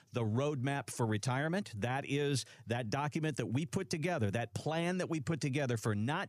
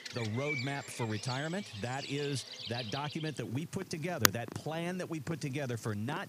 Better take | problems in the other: first | animal sounds; very loud; throughout; as loud as the speech

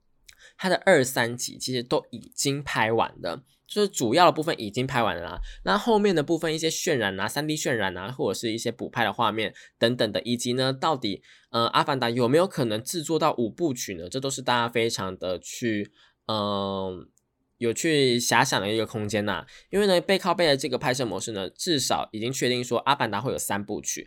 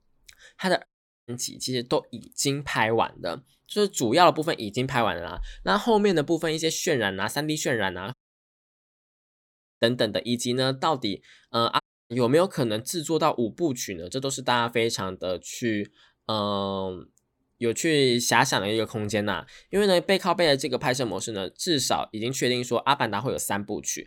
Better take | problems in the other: first | audio cutting out; at 1 s, at 8 s for 1.5 s and at 12 s

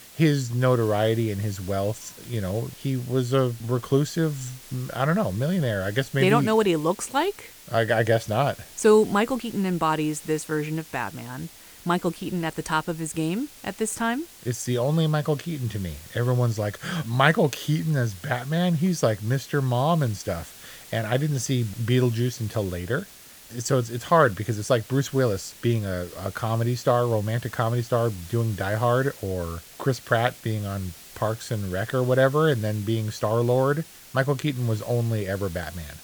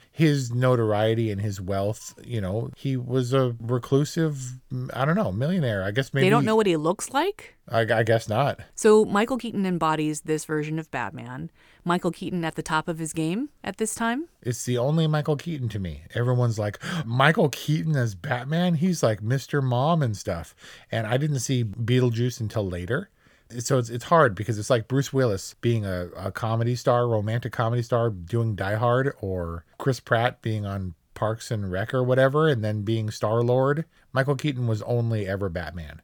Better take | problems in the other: second | hiss; noticeable; throughout; 20 dB below the speech

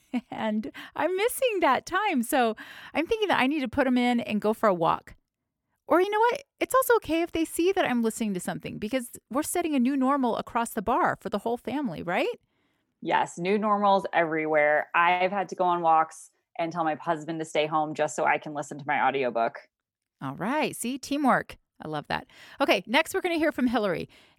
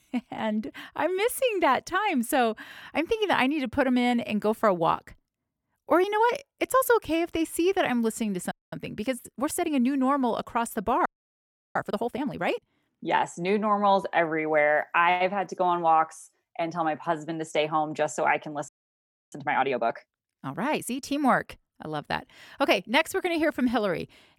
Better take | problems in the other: first | audio freezing; at 8.5 s, at 11 s for 0.5 s and at 19 s for 0.5 s

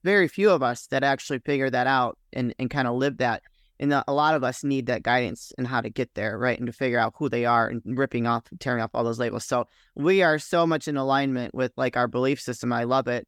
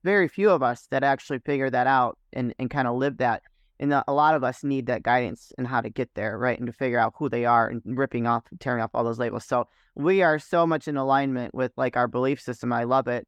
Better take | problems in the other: first | muffled; slightly; fading above 3 kHz

